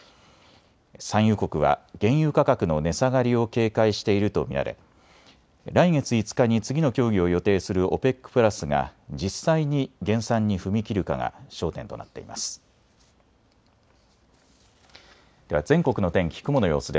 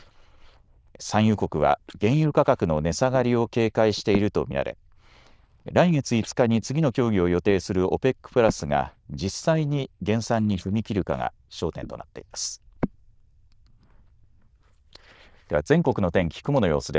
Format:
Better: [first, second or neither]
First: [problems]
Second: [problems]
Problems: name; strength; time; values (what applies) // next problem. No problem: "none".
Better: first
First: none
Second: noise reduction (neural diffusion model UNIVERSE++)